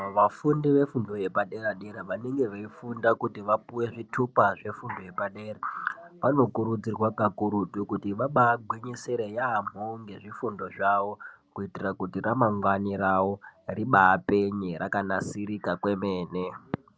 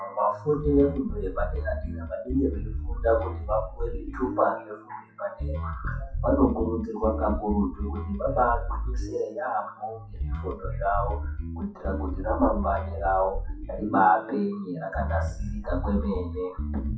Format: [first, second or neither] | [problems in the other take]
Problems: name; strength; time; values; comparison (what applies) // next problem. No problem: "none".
first | noise reduction (classical method WPE with log-MMSE)